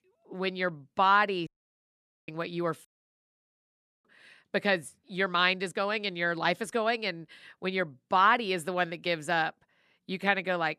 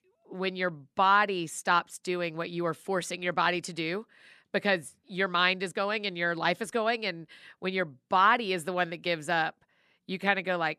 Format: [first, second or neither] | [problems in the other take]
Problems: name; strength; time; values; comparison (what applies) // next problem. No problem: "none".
second | audio cutting out; at 1.5 s for 1 s and at 3 s for 1 s